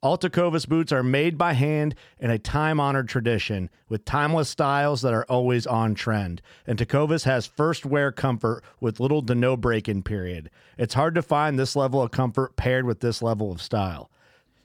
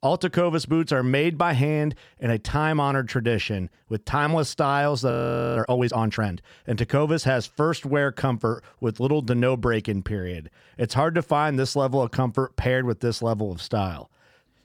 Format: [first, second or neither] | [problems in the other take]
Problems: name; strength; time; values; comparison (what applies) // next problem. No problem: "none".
first | audio freezing; at 5 s